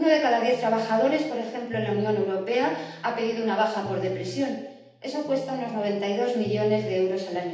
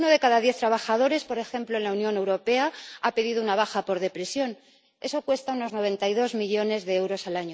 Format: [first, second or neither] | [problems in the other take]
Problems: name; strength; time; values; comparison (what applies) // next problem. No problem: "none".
second | background sound (Electric guitar); 17 dB below the speech // room echo; dies away in 0.8 s